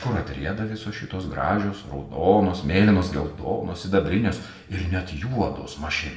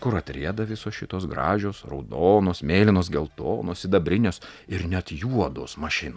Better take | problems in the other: second | room echo; dies away in 0.6 s

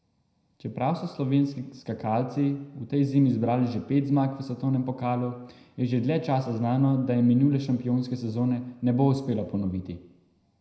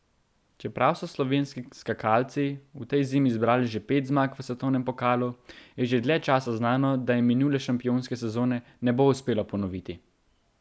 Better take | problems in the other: second | room echo; dies away in 0.8 s

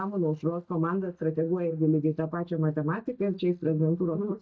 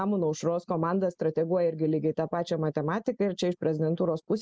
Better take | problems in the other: second | noise reduction (neural mask model DeepFilterNet 3)

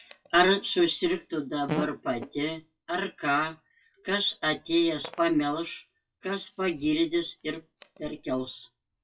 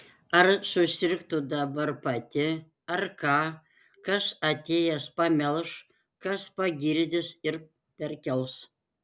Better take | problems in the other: second | noise reduction (classical method WPE with log-MMSE)

